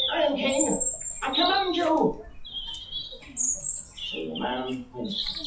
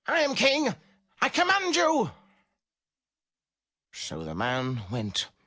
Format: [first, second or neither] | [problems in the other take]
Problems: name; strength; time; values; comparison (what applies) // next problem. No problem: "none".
second | noise reduction (classical method WPE with log-MMSE)